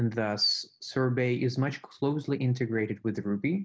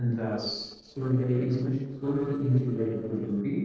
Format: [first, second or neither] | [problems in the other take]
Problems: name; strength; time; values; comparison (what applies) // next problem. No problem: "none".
first | noise reduction (neural separator model SepFormer DNS4)